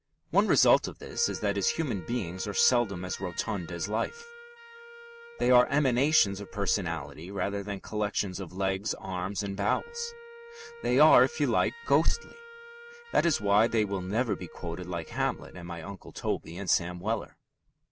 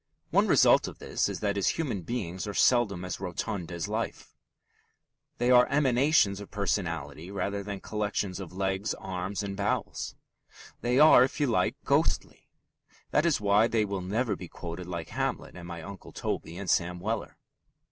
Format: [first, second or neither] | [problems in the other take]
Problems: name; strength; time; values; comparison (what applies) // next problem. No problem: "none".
second | background sound (Whoosh, swoosh, swish + Wind instrument, woodwind instrument); 20 dB below the speech